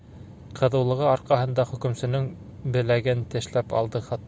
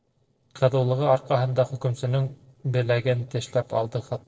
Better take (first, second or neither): first